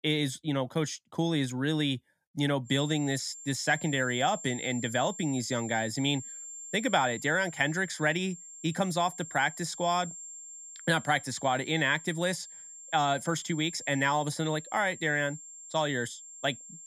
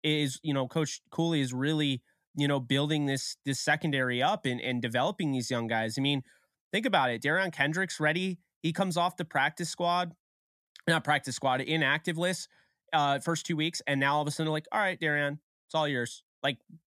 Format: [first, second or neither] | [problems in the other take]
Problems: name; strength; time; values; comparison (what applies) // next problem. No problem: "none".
second | high-pitched whine; noticeable; from 2.5 s on; 7.5 kHz, 15 dB below the speech